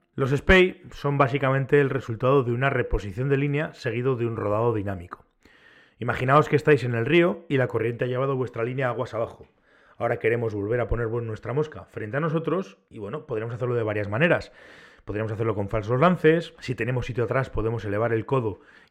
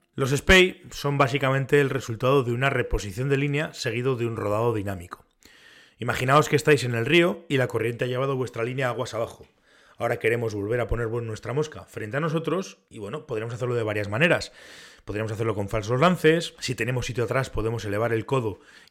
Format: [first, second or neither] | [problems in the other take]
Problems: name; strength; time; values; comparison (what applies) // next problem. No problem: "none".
second | muffled; slightly; fading above 3 kHz